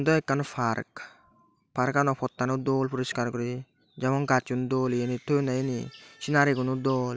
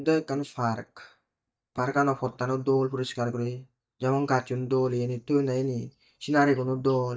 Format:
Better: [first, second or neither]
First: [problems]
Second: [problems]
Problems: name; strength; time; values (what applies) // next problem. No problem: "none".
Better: first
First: none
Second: noise reduction (neural mask model DeepFilterNet 3)